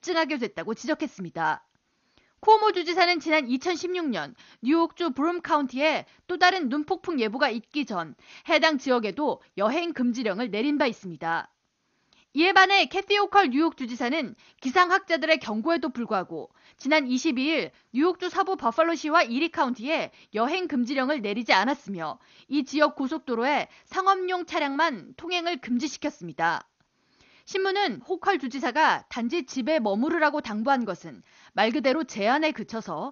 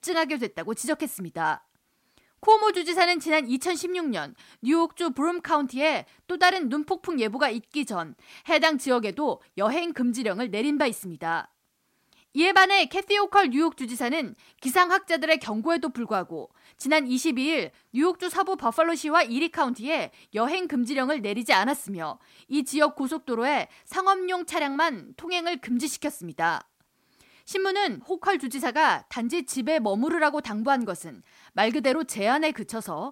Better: second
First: garbled, watery; slightly; nothing above 6.5 kHz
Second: none

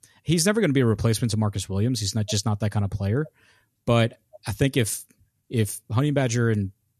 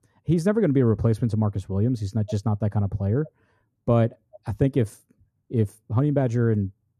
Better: first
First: none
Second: muffled; very; fading above 1.5 kHz

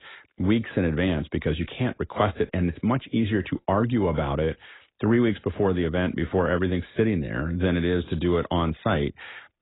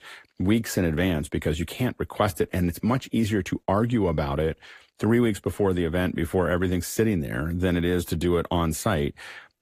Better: second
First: garbled, watery; badly; nothing above 3.5 kHz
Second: garbled, watery; slightly; nothing above 15 kHz

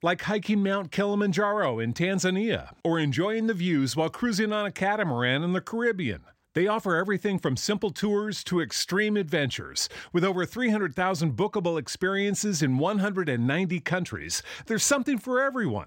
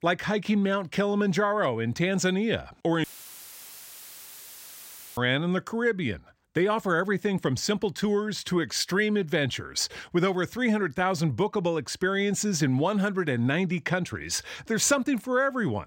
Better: first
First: none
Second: audio cutting out; filled with static; at 3 s for 2 s

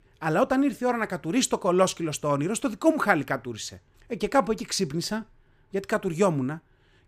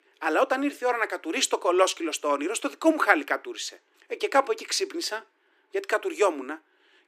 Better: first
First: none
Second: thin; somewhat; fading below 300 Hz

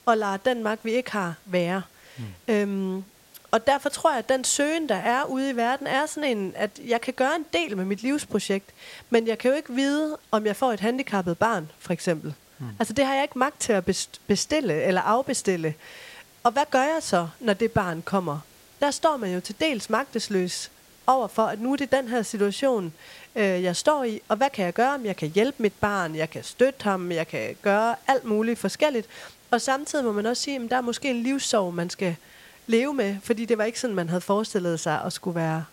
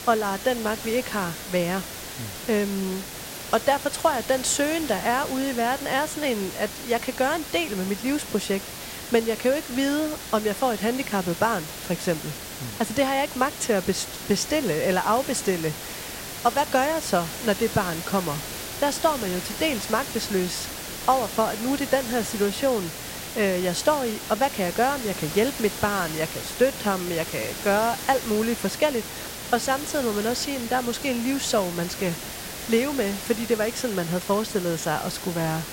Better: first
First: hiss; faint; throughout; 25 dB below the speech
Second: hiss; loud; throughout; 8 dB below the speech

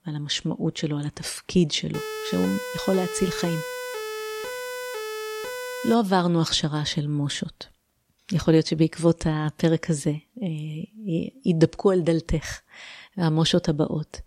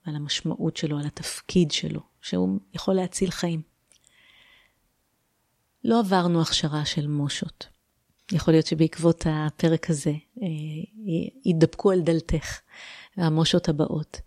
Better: second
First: siren; noticeable; from 2 to 6 s; peak 7 dB below the speech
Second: none

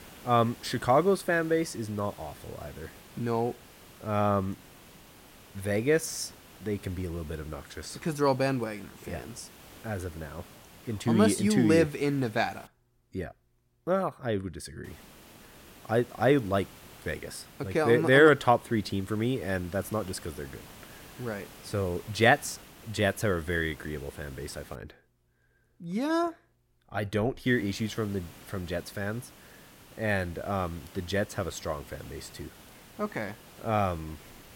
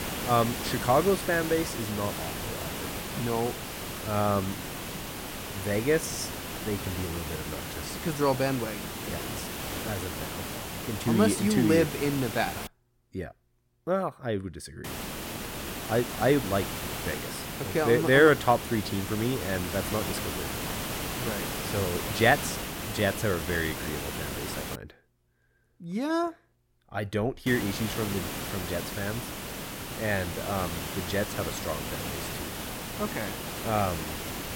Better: first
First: hiss; faint; until 13 s, from 15 to 25 s and from 27 s on; 20 dB below the speech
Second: hiss; loud; until 13 s, from 15 to 25 s and from 27 s on; 5 dB below the speech

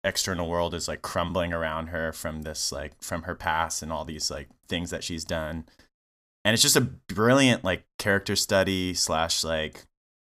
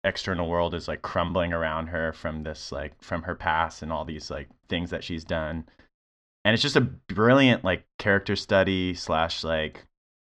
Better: first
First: none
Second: muffled; slightly; fading above 3.5 kHz

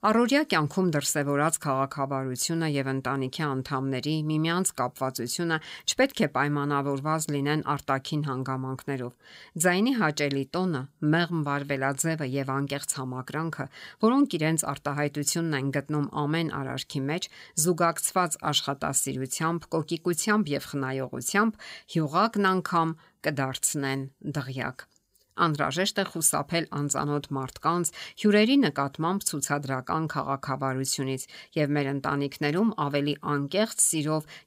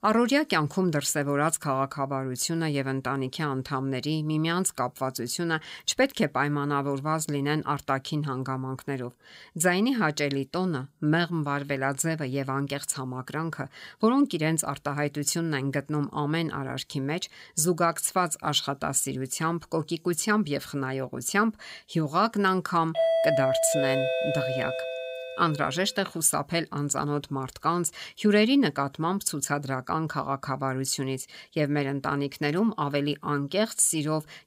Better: first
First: none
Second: doorbell; loud; from 23 to 26 s; peak 4 dB above the speech

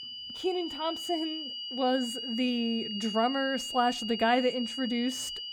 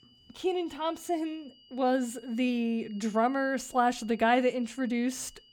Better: second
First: high-pitched whine; loud; throughout; 3 kHz, 5 dB below the speech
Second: high-pitched whine; faint; throughout; 3 kHz, 25 dB below the speech

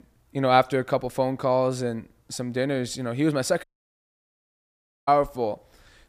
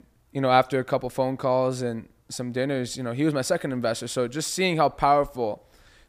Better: second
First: audio cutting out; at 3.5 s for 1.5 s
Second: none

